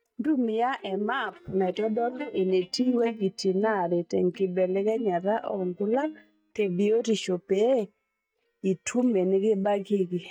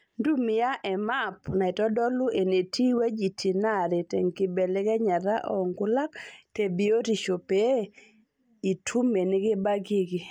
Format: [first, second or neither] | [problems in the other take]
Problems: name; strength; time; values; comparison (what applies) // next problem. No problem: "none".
second | noise reduction (neural mask model DeepFilterNet 3)